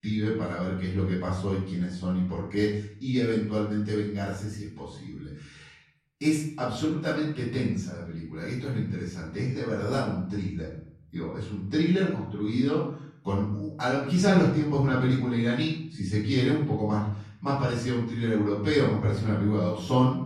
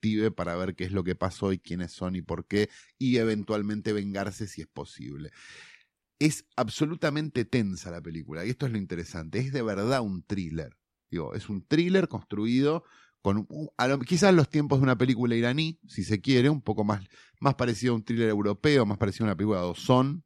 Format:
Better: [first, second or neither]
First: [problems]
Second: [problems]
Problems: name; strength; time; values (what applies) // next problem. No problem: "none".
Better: second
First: off-mic speech; far // room echo; noticeable; dies away in 0.6 s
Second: none